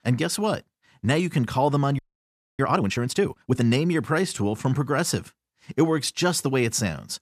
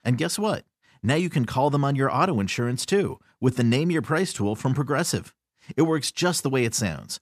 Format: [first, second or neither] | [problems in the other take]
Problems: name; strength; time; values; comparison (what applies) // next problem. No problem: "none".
second | audio freezing; at 2 s for 0.5 s